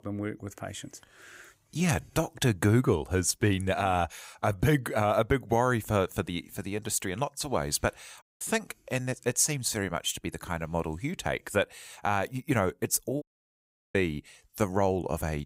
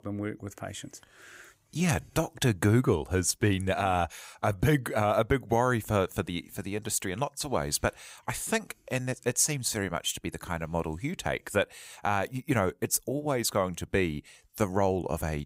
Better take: second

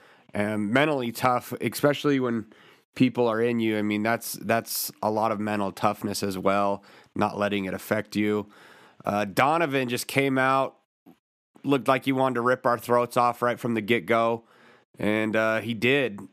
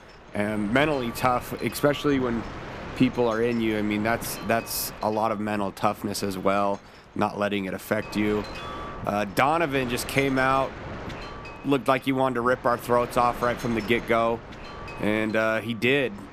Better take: first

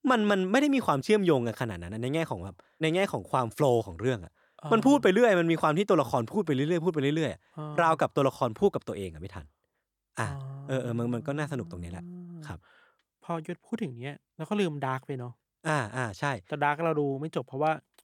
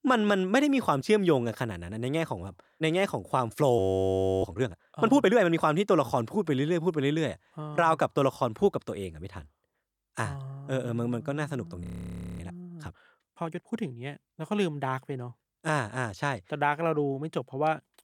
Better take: first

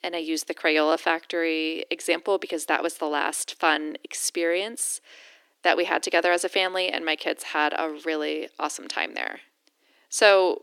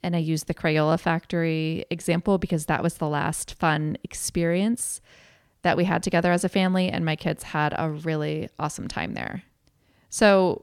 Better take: second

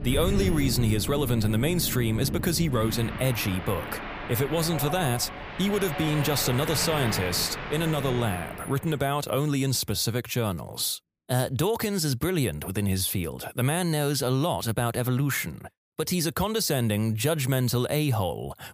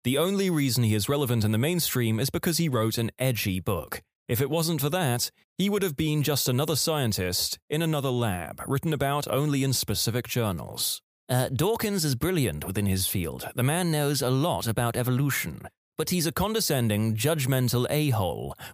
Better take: second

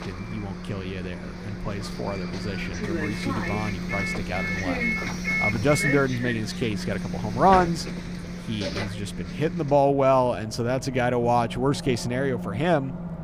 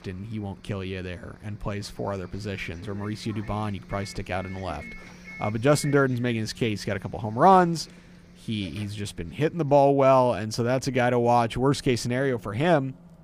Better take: second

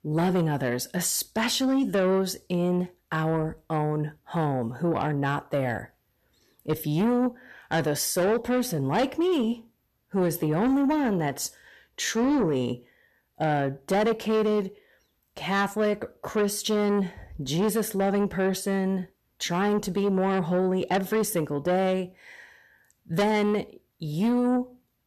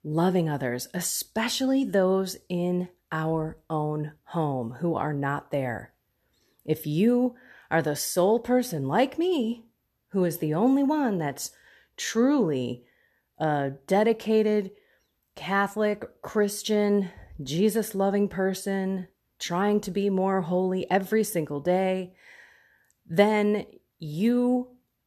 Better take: second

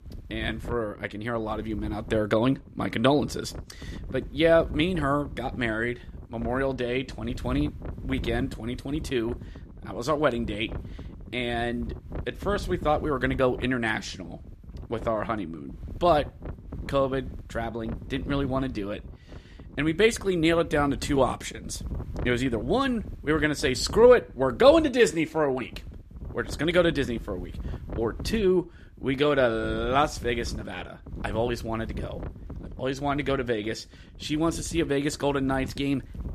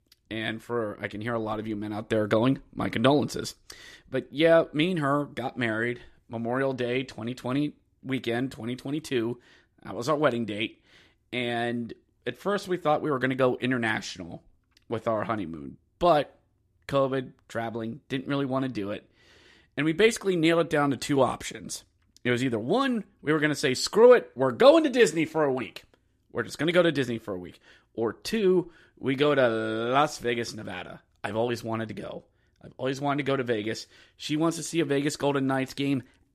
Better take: second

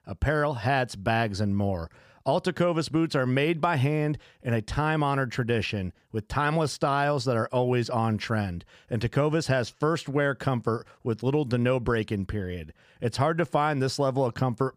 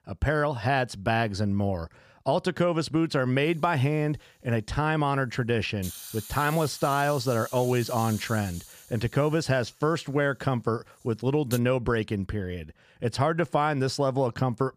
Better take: first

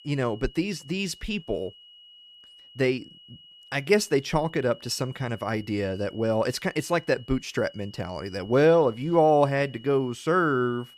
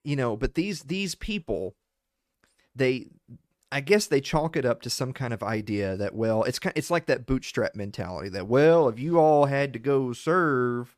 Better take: second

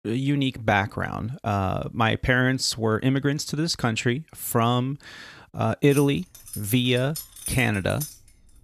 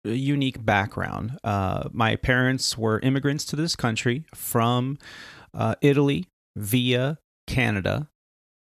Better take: second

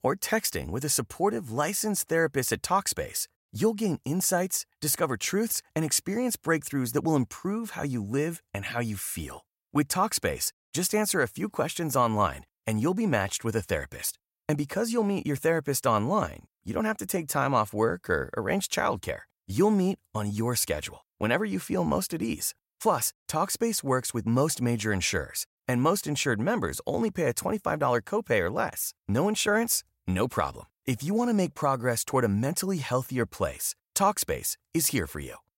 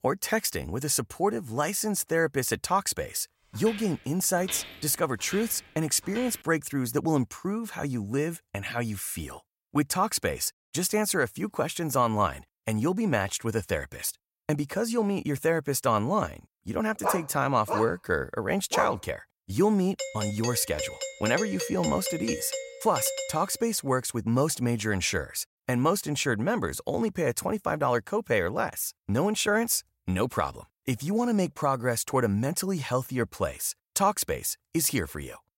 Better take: first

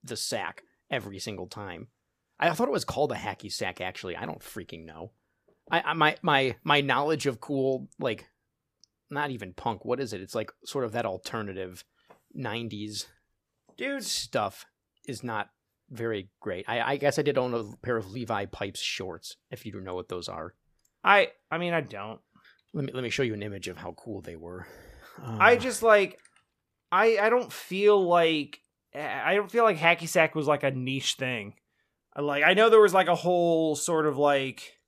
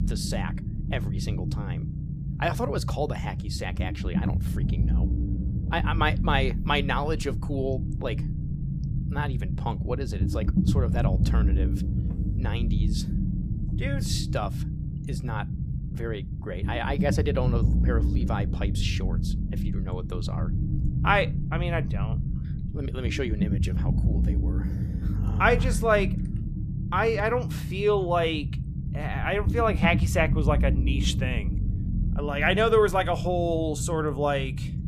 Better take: first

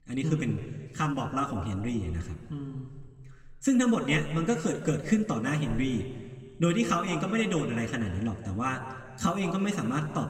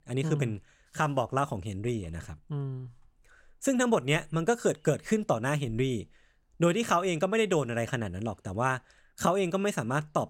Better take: second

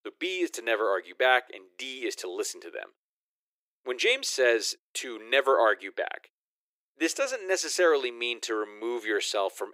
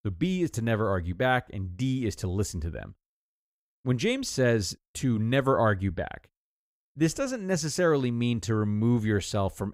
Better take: second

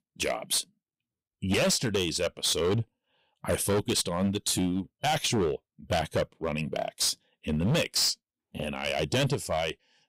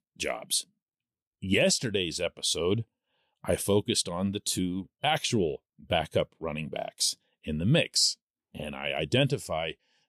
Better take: second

